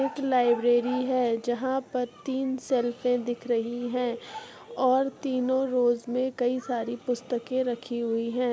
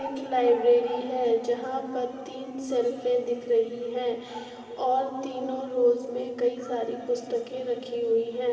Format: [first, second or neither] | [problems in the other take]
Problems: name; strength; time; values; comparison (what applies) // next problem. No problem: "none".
first | room echo; dies away in 2.8 s